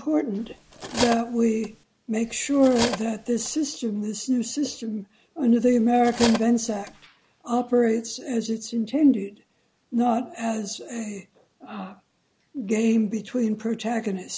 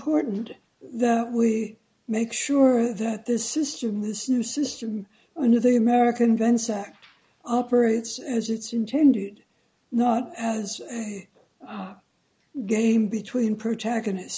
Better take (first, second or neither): second